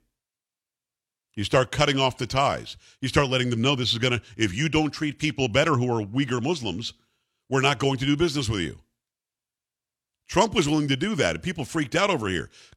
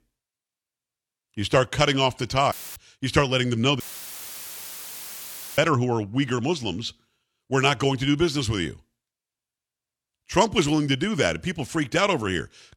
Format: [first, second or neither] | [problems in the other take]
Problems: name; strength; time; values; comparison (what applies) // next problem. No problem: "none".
first | audio cutting out; filled with static; at 2.5 s and at 4 s for 2 s